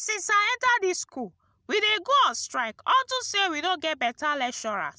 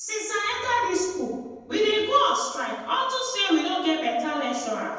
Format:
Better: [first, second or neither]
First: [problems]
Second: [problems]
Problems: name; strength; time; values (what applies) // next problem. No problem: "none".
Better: first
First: none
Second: noise reduction (neural separator model SepFormer DNS4)